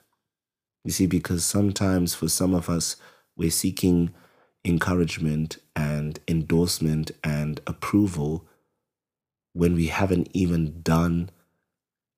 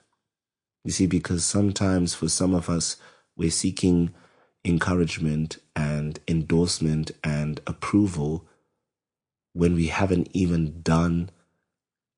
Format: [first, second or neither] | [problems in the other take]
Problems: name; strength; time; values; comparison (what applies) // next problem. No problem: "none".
first | garbled, watery; slightly; nothing above 9 kHz